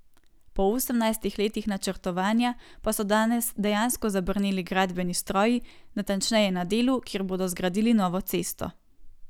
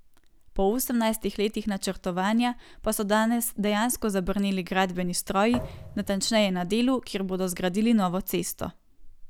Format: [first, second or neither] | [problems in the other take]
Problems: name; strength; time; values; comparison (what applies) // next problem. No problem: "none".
first | background sound (Thump, thud); 14 dB below the speech